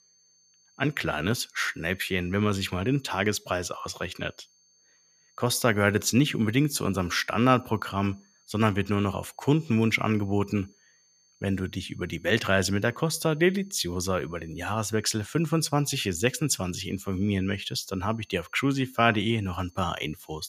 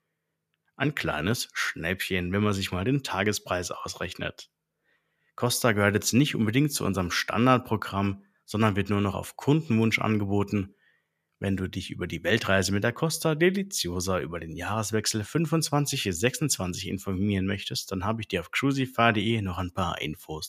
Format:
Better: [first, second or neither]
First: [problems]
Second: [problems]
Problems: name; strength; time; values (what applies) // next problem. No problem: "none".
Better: second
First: high-pitched whine; faint; throughout; 6.5 kHz, 35 dB below the speech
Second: none